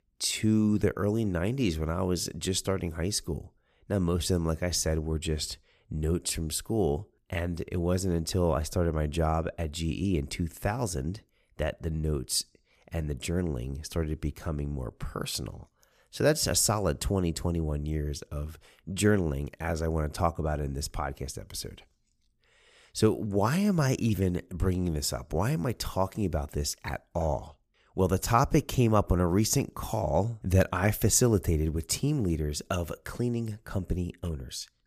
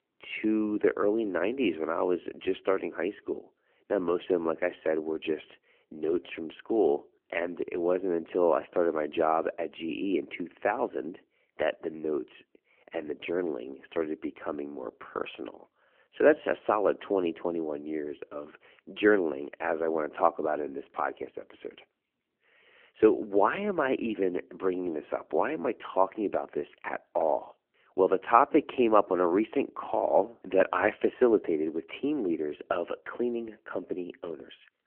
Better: first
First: none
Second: phone-call audio

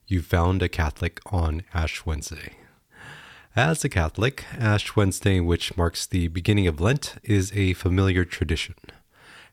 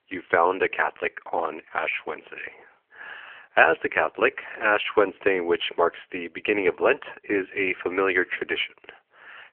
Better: first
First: none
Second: phone-call audio; nothing above 3 kHz

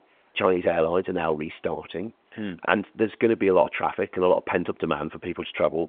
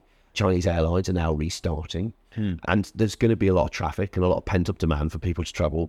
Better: second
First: phone-call audio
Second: none

